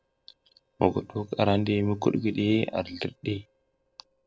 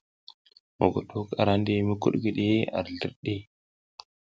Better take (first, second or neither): second